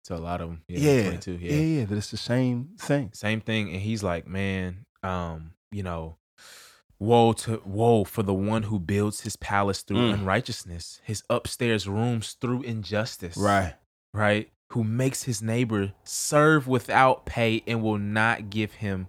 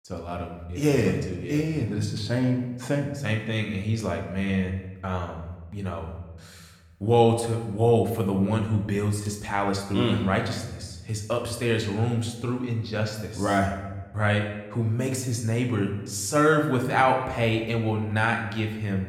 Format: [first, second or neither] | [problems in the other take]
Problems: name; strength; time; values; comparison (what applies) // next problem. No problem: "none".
first | room echo; slight; dies away in 0.9 s